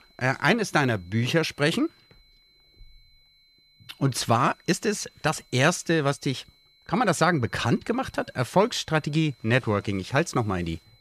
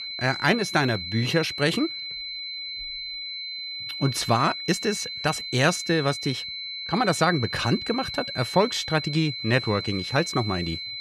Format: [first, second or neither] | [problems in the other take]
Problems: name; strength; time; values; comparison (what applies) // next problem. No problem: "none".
first | high-pitched whine; loud; throughout; 4 kHz, 6 dB below the speech; faint in the first